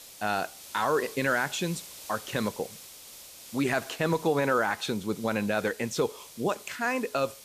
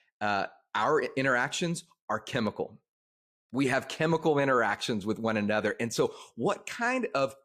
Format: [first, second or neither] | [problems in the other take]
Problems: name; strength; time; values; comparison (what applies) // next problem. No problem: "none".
second | hiss; noticeable; throughout; 15 dB below the speech